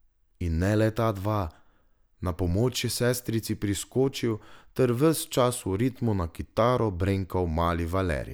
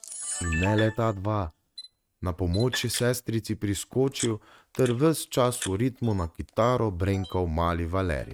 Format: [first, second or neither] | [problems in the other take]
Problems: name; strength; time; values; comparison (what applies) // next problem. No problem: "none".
first | noise reduction (neural mask model RNNoise)